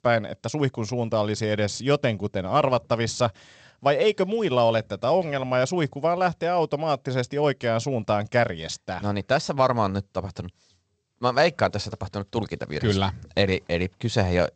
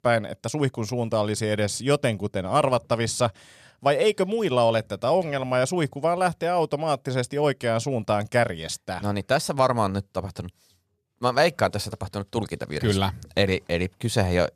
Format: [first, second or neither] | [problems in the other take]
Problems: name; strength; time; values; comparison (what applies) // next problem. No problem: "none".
second | garbled, watery; slightly; nothing above 8 kHz